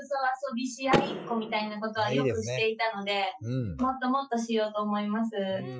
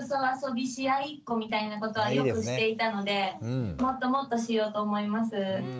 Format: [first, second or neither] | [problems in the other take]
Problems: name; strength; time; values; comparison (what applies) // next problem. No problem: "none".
second | noise reduction (classical method Wiener filter)